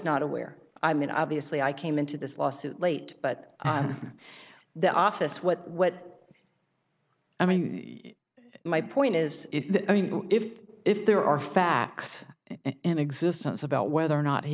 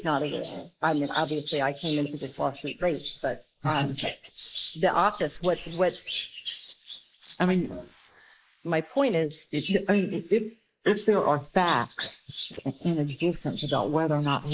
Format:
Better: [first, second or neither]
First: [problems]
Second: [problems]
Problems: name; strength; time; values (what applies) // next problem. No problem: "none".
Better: first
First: none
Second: noise reduction (neural mask model Resemble Enhance denoiser)